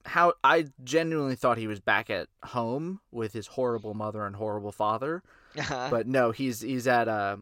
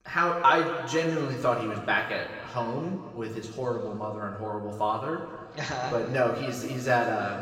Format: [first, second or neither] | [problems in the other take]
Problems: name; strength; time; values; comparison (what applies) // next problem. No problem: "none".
first | room echo; noticeable; dies away in 2.1 s // off-mic speech; far